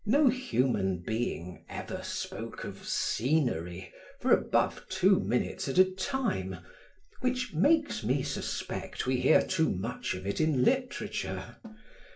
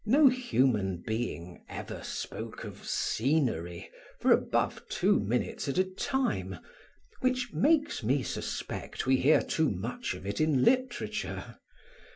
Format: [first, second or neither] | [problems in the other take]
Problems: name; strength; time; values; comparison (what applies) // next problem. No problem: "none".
second | noise reduction (neural separator model SepFormer DNS4)